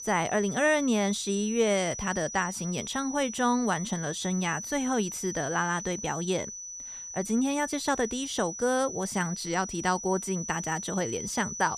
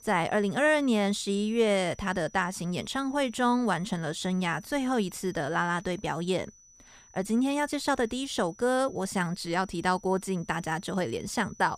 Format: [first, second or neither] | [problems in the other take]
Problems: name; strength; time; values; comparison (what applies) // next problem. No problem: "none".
second | high-pitched whine; loud; throughout; 6 kHz, 8 dB below the speech; faint in the second